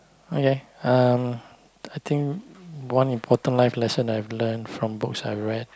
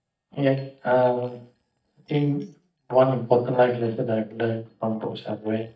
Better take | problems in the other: first | noise reduction (neural mask model DeepFilterNet 3)

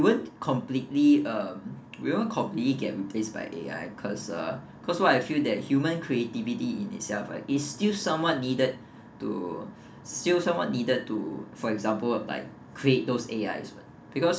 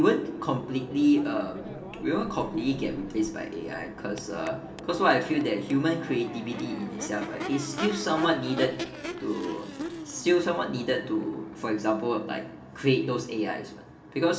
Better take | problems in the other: first | background sound (Crowd / Race car, auto racing / Accelerating, revving, vroom); 12 dB below the speech // room echo; dies away in 0.7 s

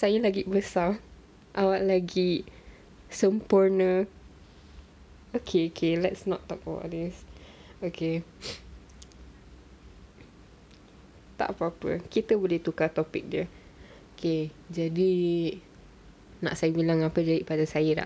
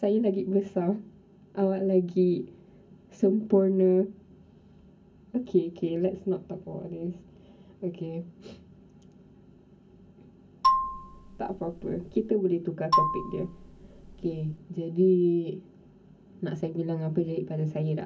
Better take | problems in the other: first | background sound (Marimba, xylophone); 1 dB below the speech // room echo; dies away in 0.3 s

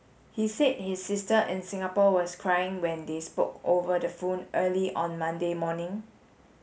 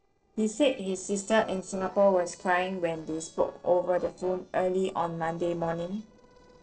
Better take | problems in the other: first | noise reduction (neural separator model SepFormer DNS4)

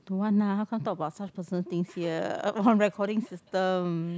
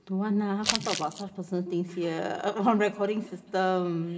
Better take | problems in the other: first | background sound (Crumpling, crinkling); 3 dB below the speech // room echo; dies away in 0.8 s

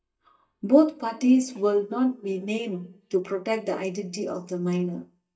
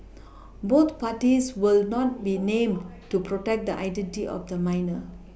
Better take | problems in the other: second | noise reduction (neural mask model DeepFilterNet 3)

